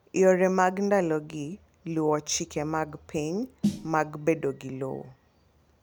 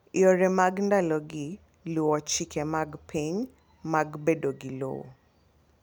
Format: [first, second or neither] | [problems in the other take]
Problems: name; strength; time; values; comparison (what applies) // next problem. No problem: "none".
second | background sound (Snare drum); 8 dB below the speech